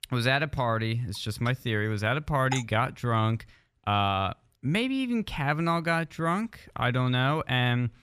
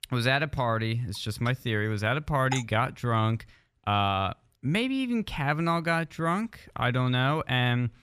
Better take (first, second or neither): neither